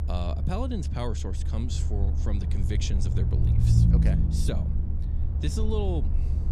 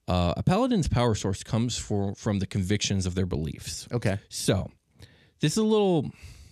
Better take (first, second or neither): second